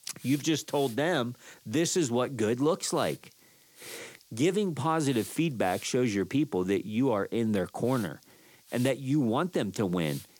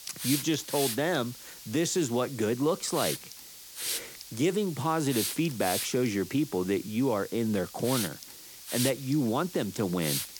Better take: first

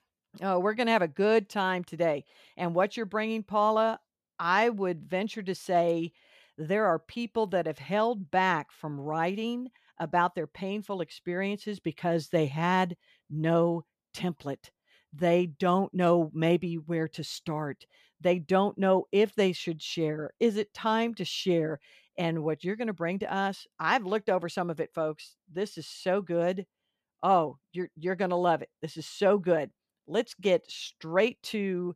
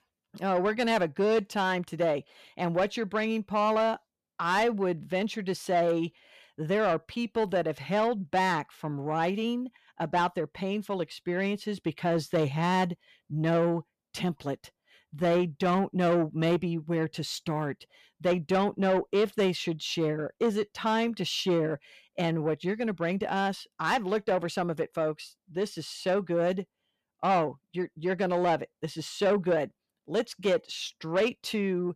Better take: first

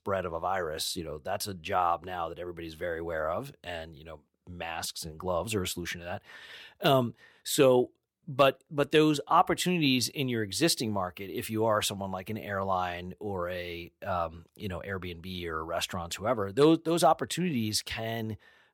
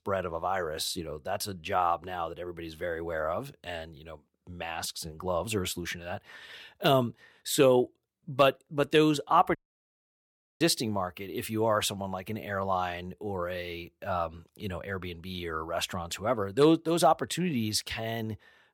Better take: first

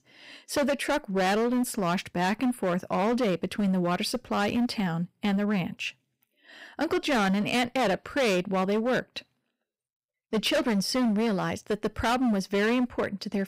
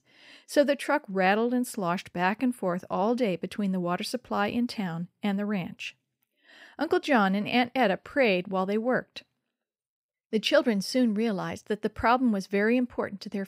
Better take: second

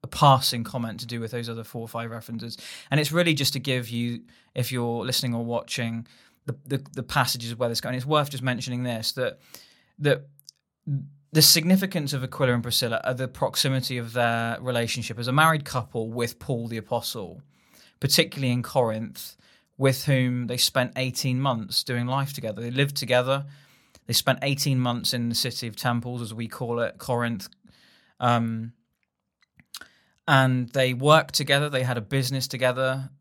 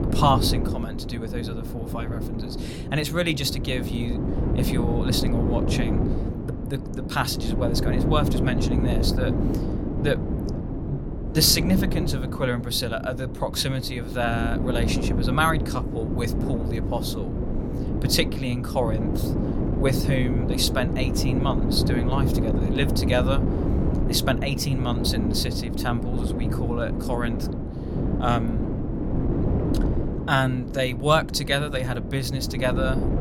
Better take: first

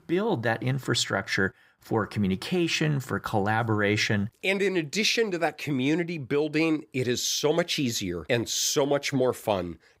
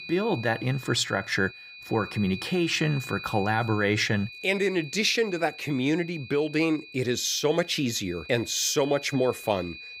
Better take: first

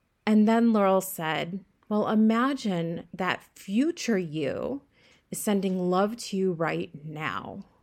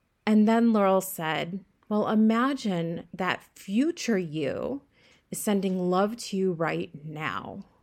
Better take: neither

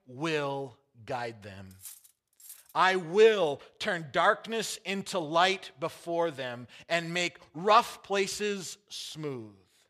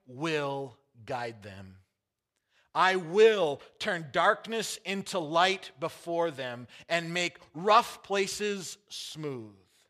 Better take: second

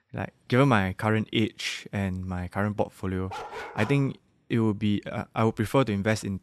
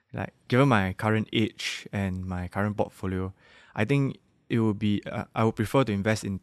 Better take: second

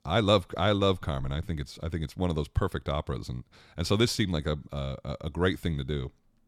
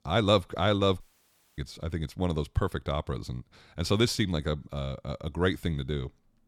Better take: first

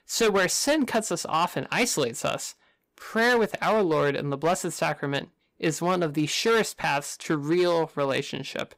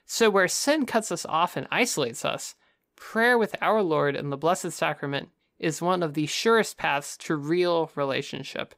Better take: second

